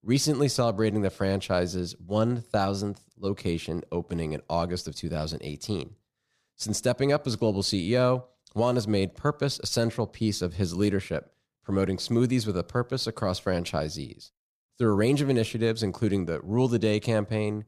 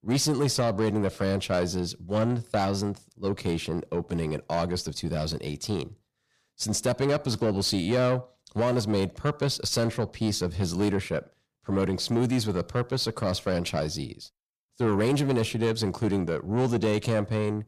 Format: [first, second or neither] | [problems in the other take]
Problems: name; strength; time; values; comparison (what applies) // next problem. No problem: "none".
first | distortion; slight; 10 dB below the speech